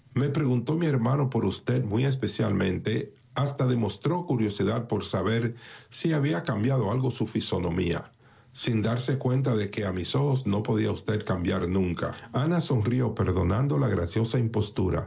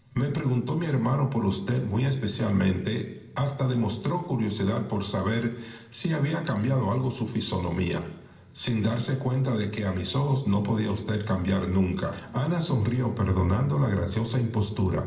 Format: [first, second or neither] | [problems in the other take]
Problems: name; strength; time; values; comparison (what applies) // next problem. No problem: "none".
first | room echo; dies away in 1.7 s